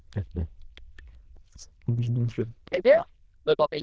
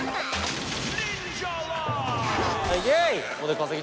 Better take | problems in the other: second | noise reduction (neural diffusion model UNIVERSE++)

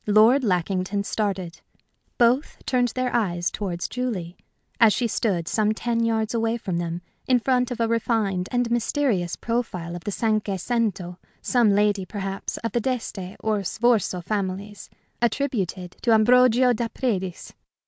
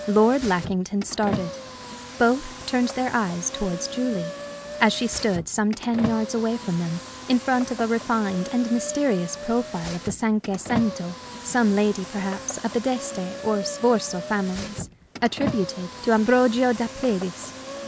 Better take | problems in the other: first | background sound (Car); 10 dB below the speech

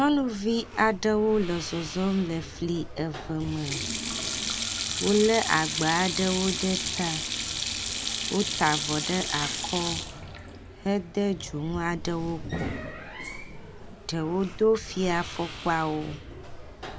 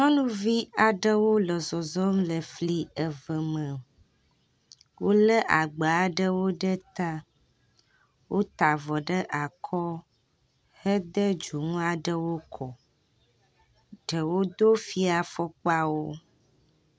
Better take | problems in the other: second | background sound (Sink (filling or washing)); 5 dB below the speech

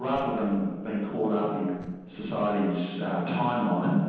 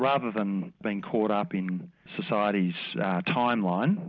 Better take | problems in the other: second | noise reduction (neural separator model SepFormer DNS4)

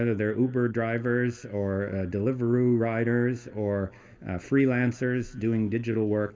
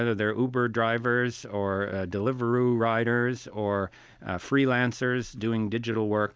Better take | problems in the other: second | room echo; dies away in 2.8 s

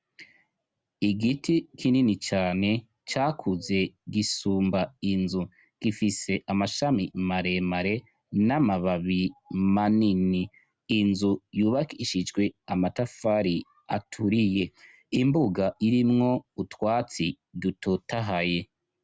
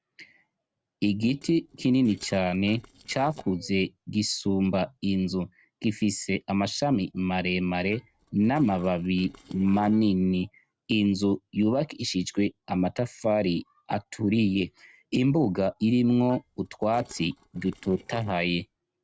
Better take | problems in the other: first | noise reduction (neural separator model SepFormer DNS4)

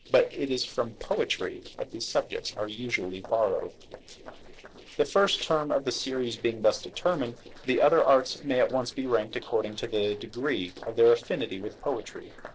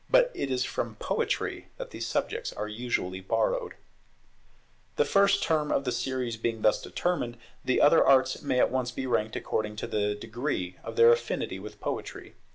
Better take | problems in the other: second | noise reduction (neural separator model SepFormer DNS4)

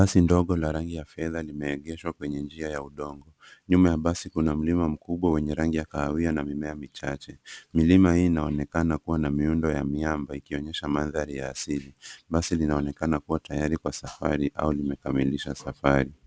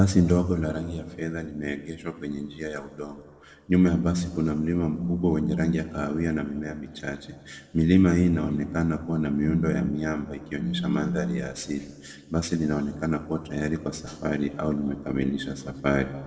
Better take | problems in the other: first | noise reduction (neural separator model SepFormer DNS4)

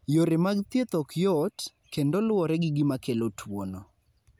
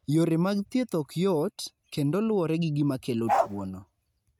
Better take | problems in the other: first | noise reduction (neural mask model RNNoise)

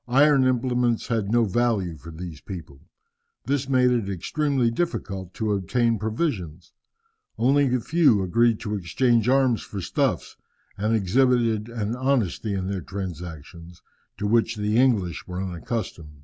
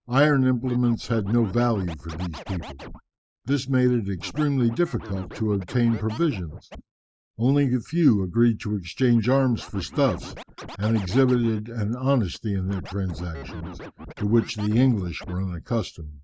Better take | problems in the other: first | noise reduction (neural mask model Resemble Enhance denoiser)

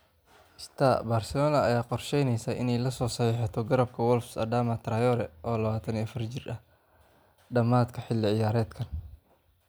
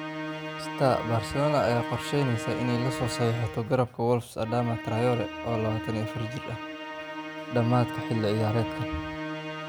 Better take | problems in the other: first | background sound (Musical instrument); 7 dB below the speech

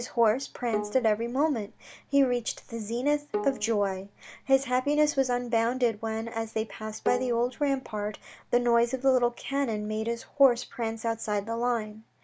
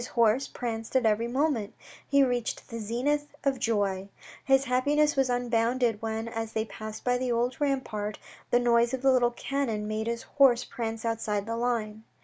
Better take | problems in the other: second | background sound (Bowed string instrument); 12 dB below the speech

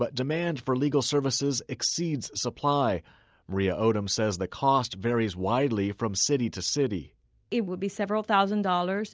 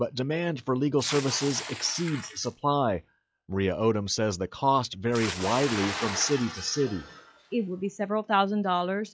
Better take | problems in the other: first | noise reduction (classical method log-MMSE)

